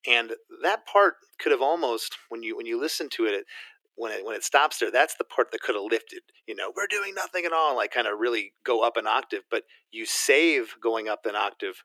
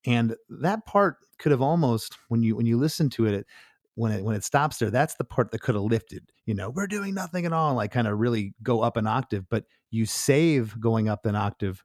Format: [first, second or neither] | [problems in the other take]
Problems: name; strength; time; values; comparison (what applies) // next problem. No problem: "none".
second | thin; very; fading below 350 Hz